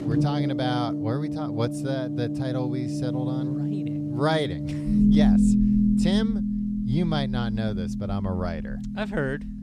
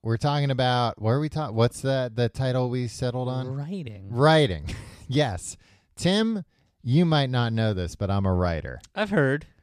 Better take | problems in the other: second | background music; very loud; throughout; 4 dB above the speech

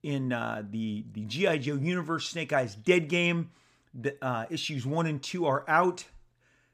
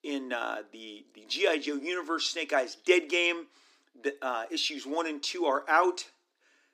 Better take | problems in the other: first | thin; somewhat; fading below 300 Hz

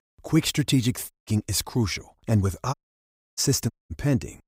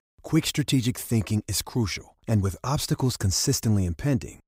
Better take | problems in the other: second | audio cutting out; at 1 s, at 2.5 s for 0.5 s and at 3.5 s

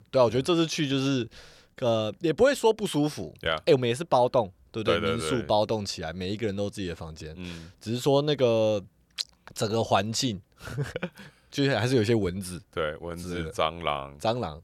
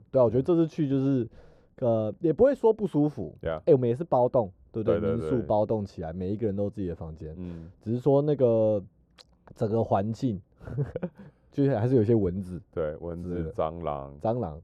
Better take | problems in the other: first | muffled; very; fading above 1.5 kHz

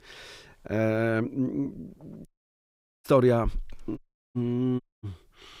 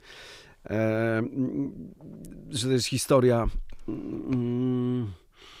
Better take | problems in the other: second | audio cutting out; at 2.5 s for 1 s, at 4 s and at 5 s

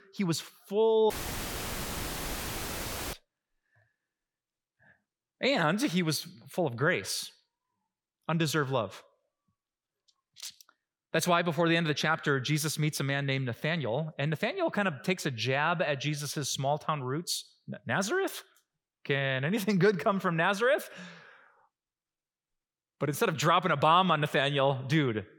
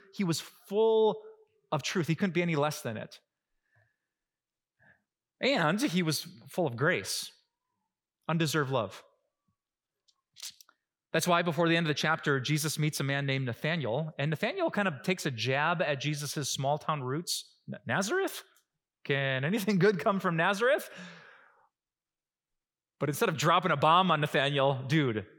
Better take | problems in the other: second | audio cutting out; filled with static; at 1 s for 2 s

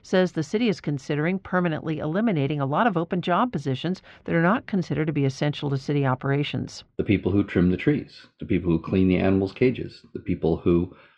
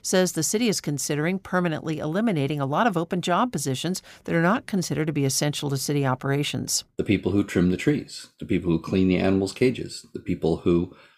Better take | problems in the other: second | muffled; slightly; fading above 3 kHz

